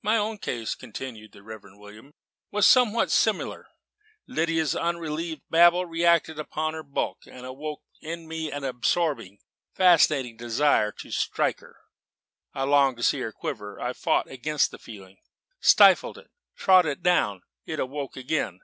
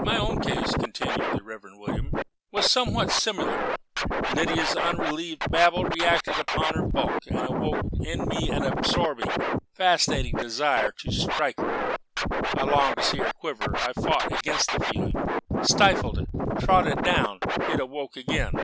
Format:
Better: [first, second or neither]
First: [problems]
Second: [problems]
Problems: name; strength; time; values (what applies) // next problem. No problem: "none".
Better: first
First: none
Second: background sound (Scratching (performance technique)); as loud as the speech